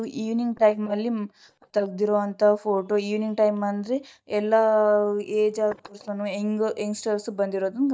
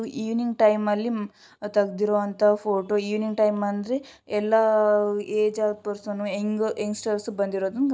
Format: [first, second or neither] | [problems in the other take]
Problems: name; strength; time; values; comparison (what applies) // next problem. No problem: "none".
second | noise reduction (neural mask model DeepFilterNet 3)